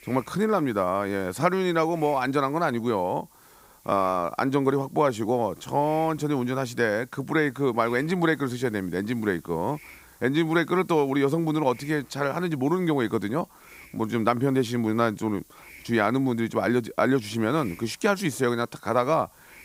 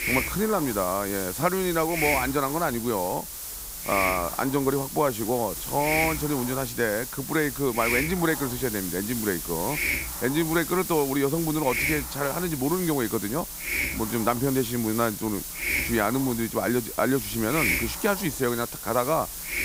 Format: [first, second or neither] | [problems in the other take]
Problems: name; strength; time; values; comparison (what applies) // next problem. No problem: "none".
first | hiss; loud; throughout; 3 dB below the speech; faint in the first